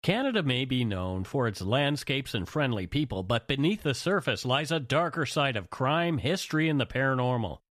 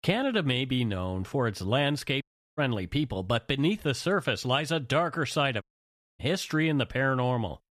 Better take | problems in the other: first | audio cutting out; at 2 s and at 5.5 s for 0.5 s

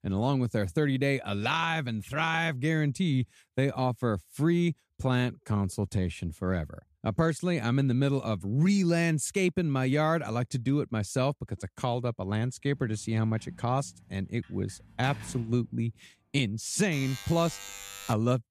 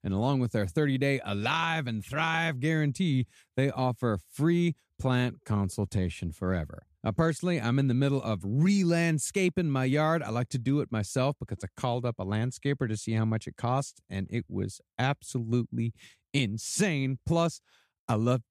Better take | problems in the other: second | door banging; faint; from 13 to 16 s; peak 15 dB below the speech // alarm; faint; from 17 s on; peak 10 dB below the speech

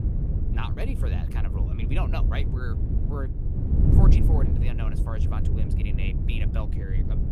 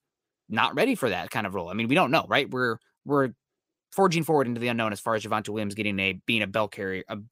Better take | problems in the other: second | wind noise on the microphone; heavy; as loud as the speech

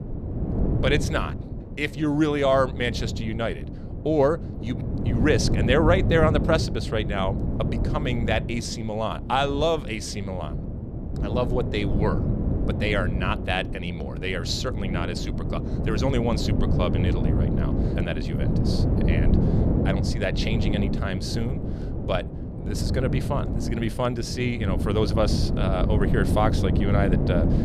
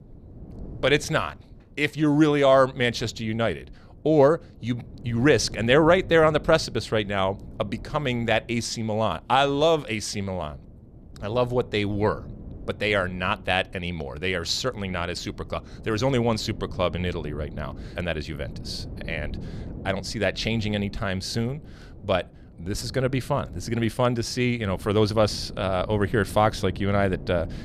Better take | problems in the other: second | wind noise on the microphone; heavy; 8 dB below the speech; occasional gusts in the second

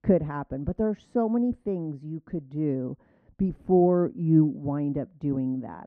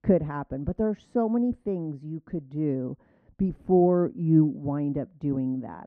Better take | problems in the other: neither | muffled; very; fading above 2.5 kHz; the same in both

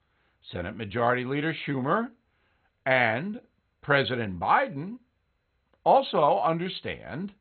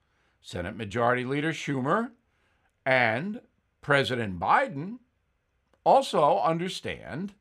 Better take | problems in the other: second | garbled, watery; badly; nothing above 4 kHz

